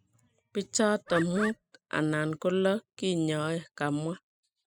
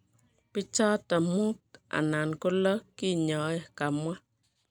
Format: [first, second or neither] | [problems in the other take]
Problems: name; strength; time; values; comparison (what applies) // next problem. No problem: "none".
second | noise reduction (classical method spectral subtraction)